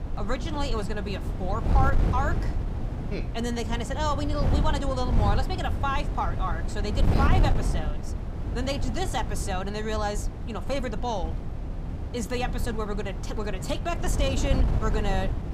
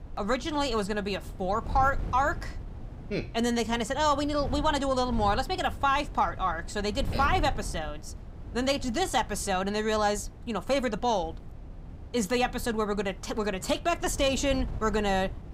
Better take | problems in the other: second | wind noise on the microphone; heavy; 8 dB below the speech; occasional gusts in the second

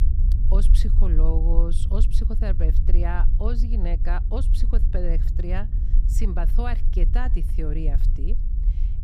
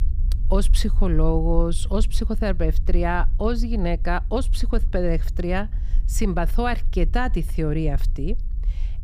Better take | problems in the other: second | low rumble; loud; throughout; 9 dB below the speech; faint in the second

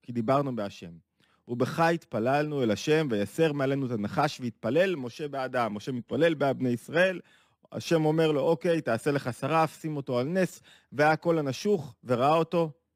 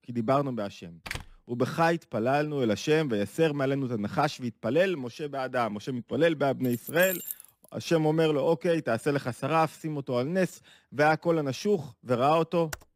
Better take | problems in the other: first | door banging; faint; at 1 s; peak 10 dB below the speech // jangling keys; noticeable; at 6.5 s; peak 5 dB below the speech // keyboard typing; very faint; at 12 s; peak 15 dB below the speech

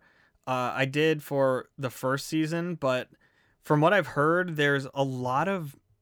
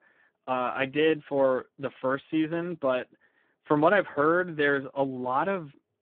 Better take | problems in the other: first | phone-call audio; poor line

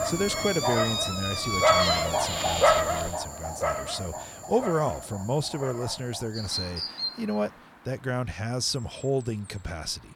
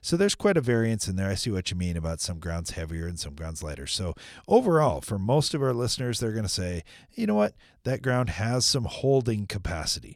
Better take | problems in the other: second | animal sounds; very loud; throughout; 4 dB above the speech

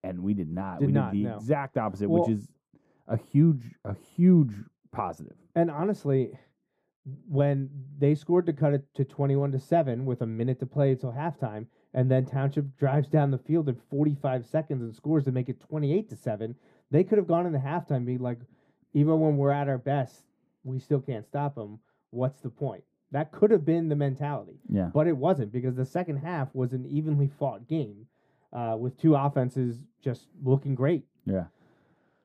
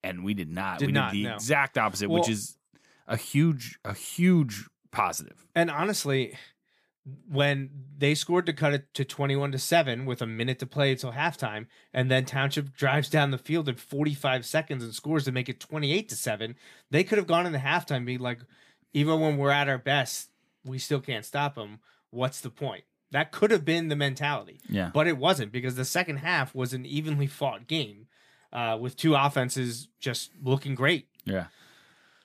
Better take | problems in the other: second | muffled; very; fading above 1.5 kHz

